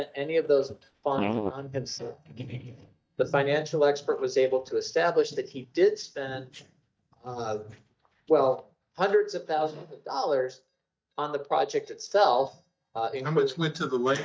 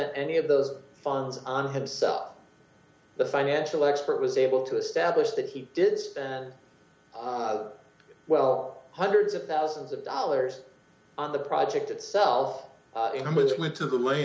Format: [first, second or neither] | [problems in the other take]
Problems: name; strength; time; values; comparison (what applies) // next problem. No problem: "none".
second | noise reduction (neural mask model DeepFilterNet 3)